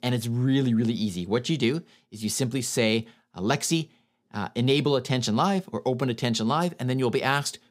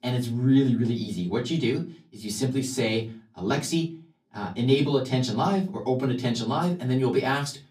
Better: first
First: none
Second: off-mic speech; far // room echo; very slight; dies away in 0.3 s

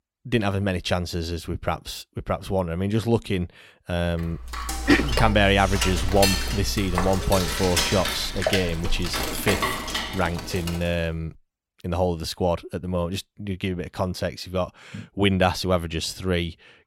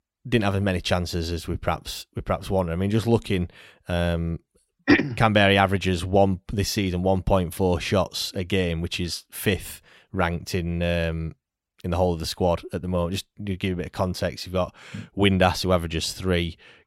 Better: second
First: clattering dishes; loud; from 4.5 to 11 s; peak 2 dB above the speech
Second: none

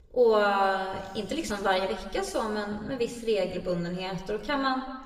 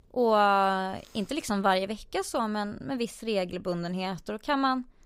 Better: second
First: room echo; slight; dies away in 1.1 s // off-mic speech; somewhat distant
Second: none

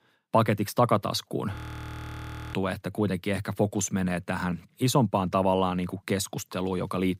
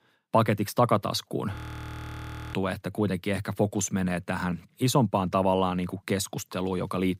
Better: neither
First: audio freezing; at 1.5 s for 1 s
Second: audio freezing; at 1.5 s for 1 s

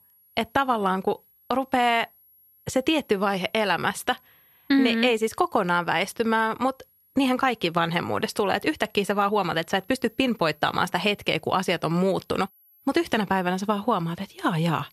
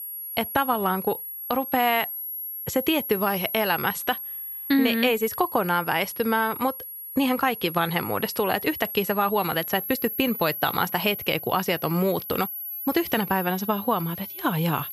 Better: first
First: high-pitched whine; faint; throughout; 11.5 kHz, 30 dB below the speech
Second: high-pitched whine; loud; throughout; 11.5 kHz, 7 dB below the speech

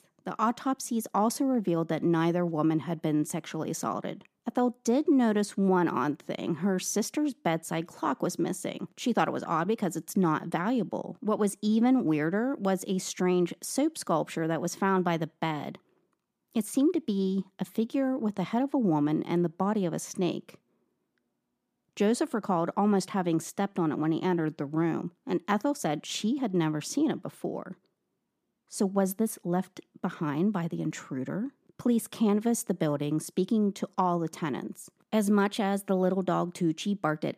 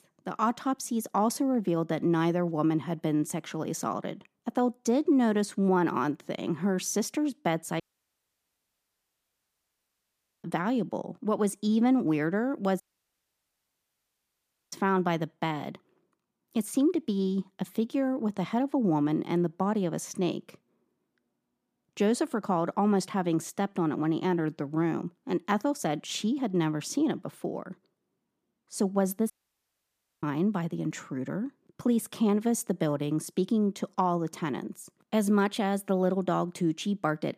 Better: first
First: none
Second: audio cutting out; at 8 s for 2.5 s, at 13 s for 2 s and at 29 s for 1 s

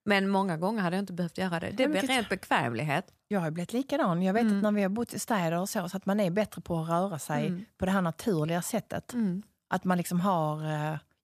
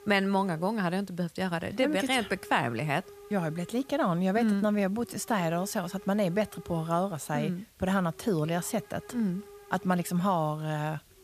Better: first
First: none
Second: hiss; faint; throughout; 20 dB below the speech

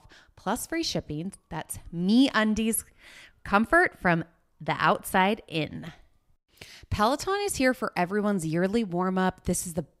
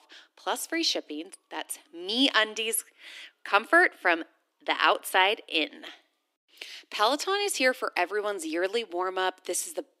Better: first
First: none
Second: thin; somewhat; fading below 300 Hz

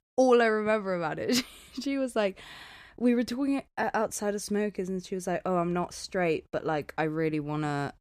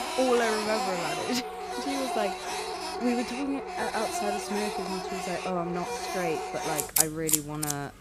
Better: first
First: none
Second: household noises; very loud; throughout; 1 dB above the speech

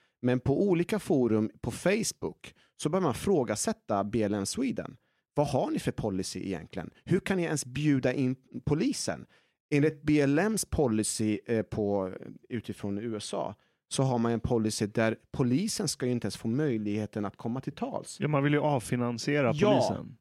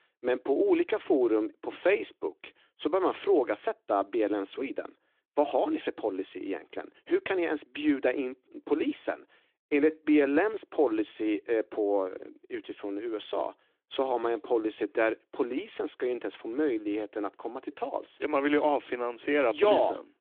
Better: first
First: none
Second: phone-call audio

